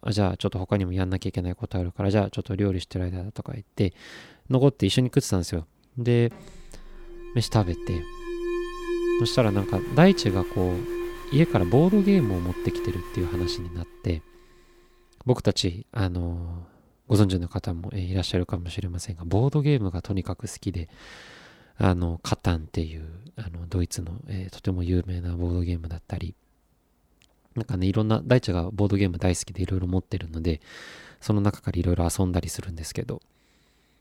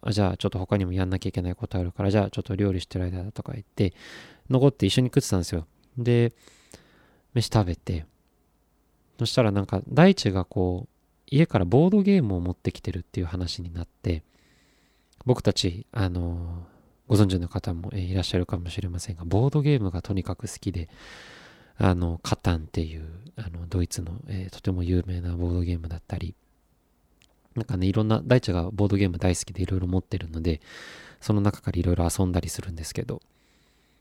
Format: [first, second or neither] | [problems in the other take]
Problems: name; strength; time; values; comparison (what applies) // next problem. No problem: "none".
second | alarm; loud; from 6.5 to 14 s; peak 1 dB above the speech